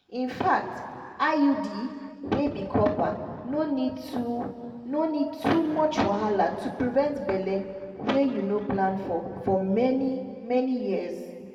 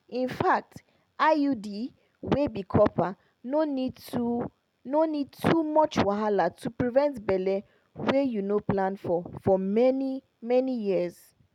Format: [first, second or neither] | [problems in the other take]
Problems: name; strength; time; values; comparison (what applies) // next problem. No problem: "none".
second | room echo; dies away in 2.1 s